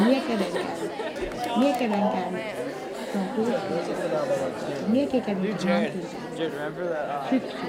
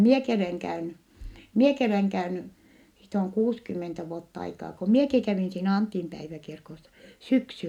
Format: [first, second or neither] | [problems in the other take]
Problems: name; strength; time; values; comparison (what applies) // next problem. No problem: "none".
second | background sound (Chatter); 1 dB below the speech